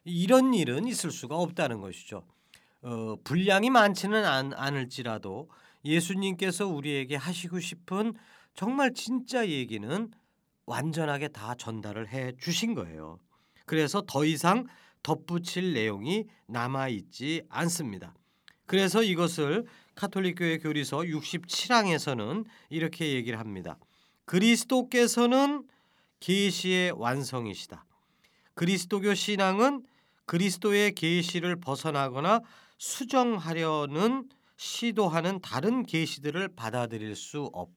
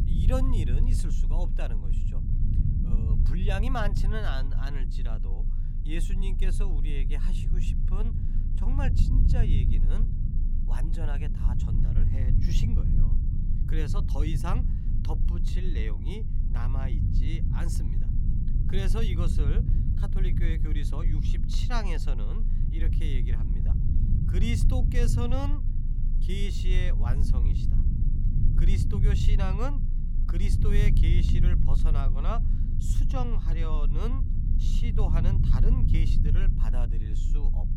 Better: first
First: none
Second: low rumble; loud; throughout; 4 dB below the speech

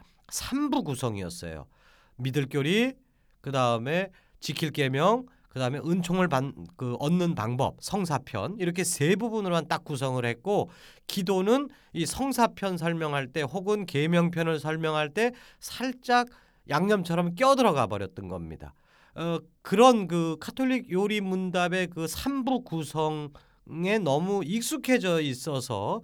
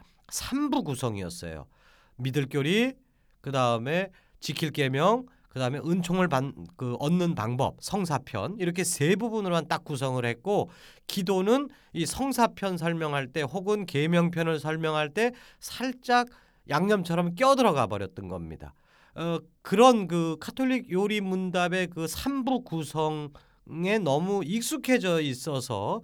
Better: neither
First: none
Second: none

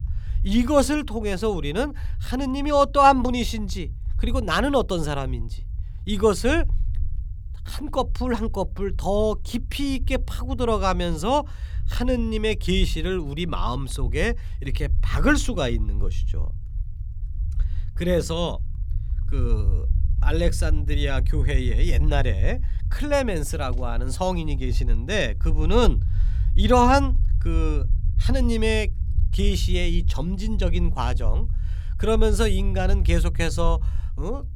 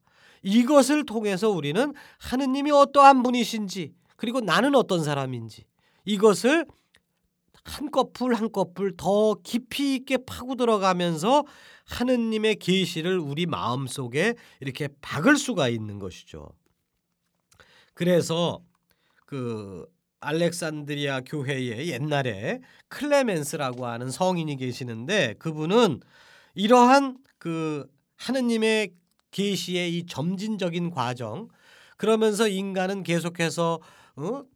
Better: second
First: low rumble; faint; throughout; 20 dB below the speech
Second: none

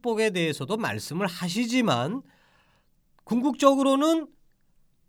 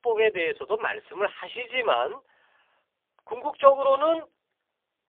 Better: first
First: none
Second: phone-call audio; poor line

